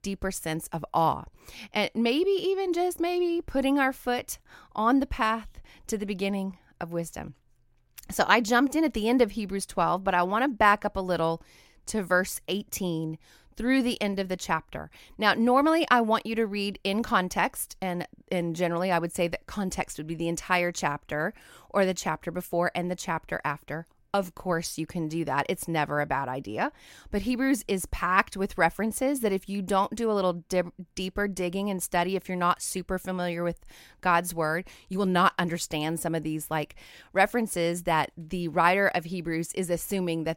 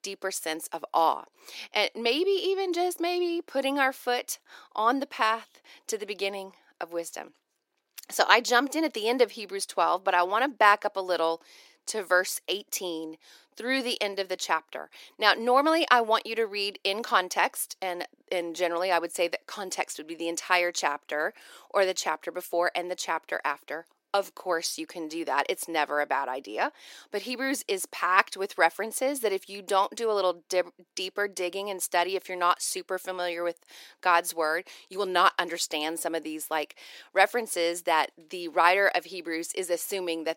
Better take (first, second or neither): first